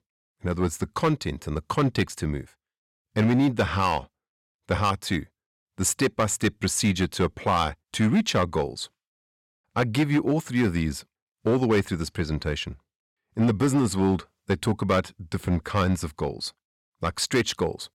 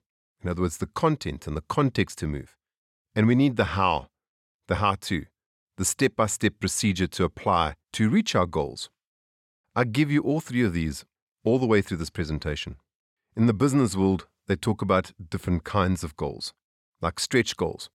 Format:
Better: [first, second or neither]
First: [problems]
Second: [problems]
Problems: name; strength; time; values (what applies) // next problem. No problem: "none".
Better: second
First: distortion; slight; 4% of the sound clipped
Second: none